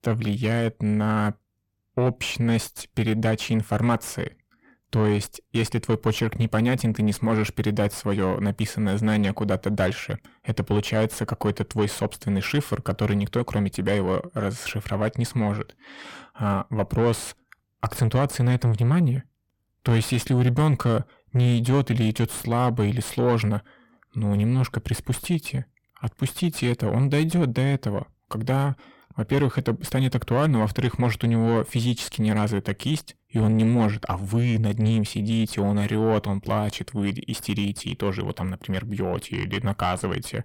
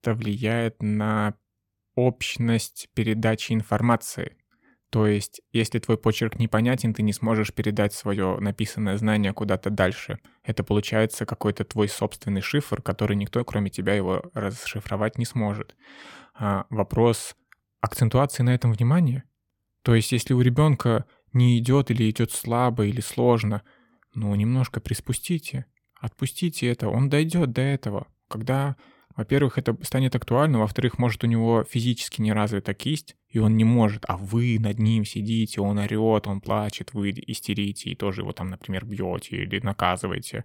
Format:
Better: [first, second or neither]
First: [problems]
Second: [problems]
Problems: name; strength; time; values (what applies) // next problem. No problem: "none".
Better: second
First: distortion; slight; 10 dB below the speech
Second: none